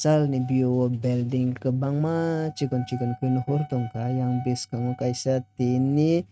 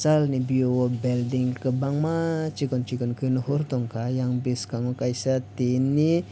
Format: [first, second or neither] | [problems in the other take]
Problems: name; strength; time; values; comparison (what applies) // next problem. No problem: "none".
second | noise reduction (neural mask model RNNoise)